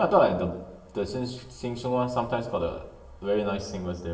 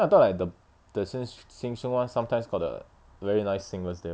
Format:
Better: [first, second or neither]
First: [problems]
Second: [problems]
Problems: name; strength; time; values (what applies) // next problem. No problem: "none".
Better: second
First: room echo; dies away in 0.8 s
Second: none